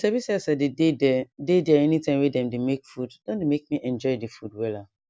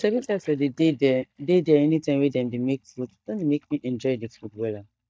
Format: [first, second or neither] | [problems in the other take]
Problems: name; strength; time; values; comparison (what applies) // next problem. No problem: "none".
first | noise reduction (neural mask model DeepFilterNet 3)